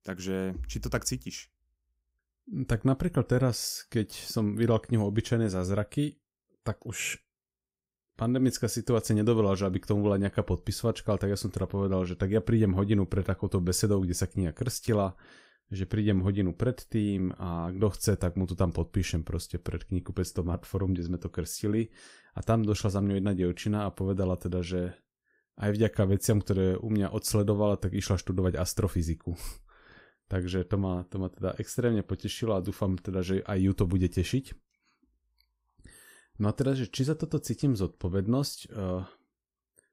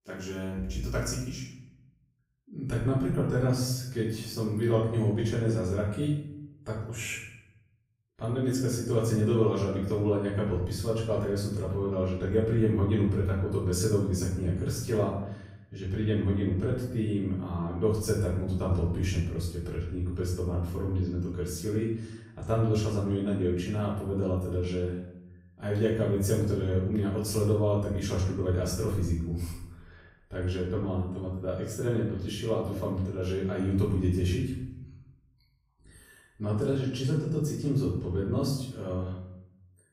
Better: first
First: none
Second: off-mic speech; far // room echo; noticeable; dies away in 0.7 s

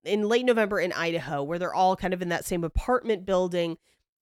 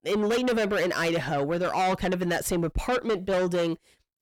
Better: first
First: none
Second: distortion; heavy; 6 dB below the speech

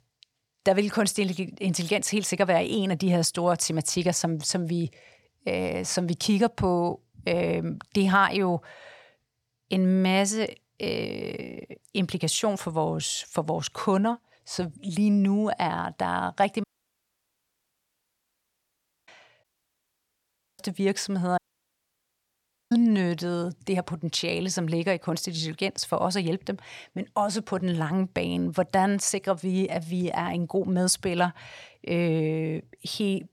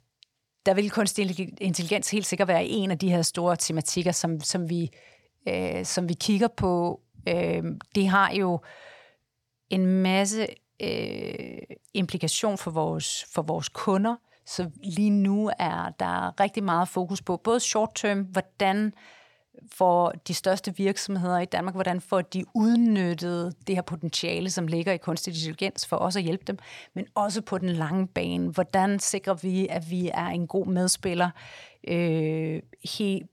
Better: second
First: audio cutting out; at 17 s for 2.5 s, at 19 s for 1 s and at 21 s for 1.5 s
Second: none

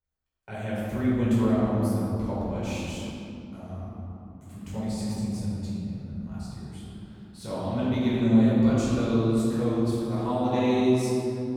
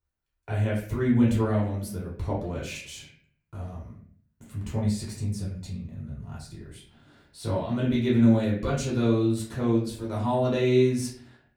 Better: second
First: room echo; strong; dies away in 2.9 s // off-mic speech; far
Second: room echo; slight; dies away in 0.5 s // off-mic speech; far

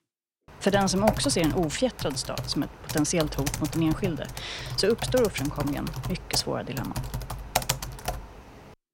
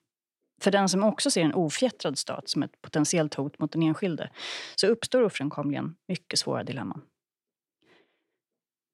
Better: second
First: keyboard typing; loud; from 0.5 to 8 s; peak level with the speech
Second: none

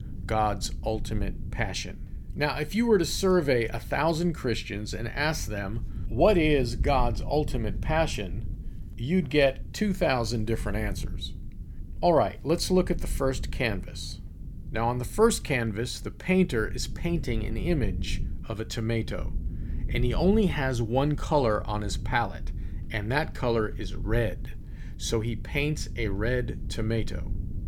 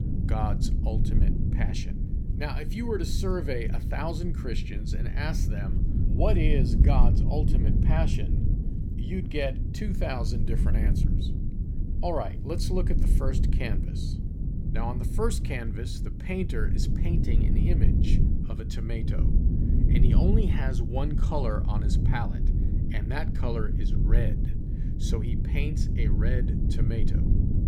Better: first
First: low rumble; faint; throughout; 20 dB below the speech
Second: low rumble; loud; throughout; 4 dB below the speech

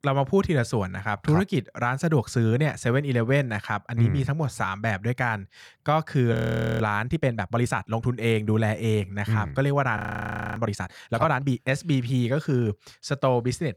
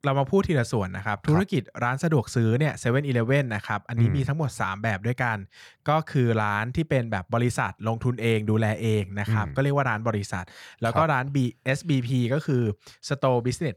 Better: second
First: audio freezing; at 6.5 s and at 10 s for 0.5 s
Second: none

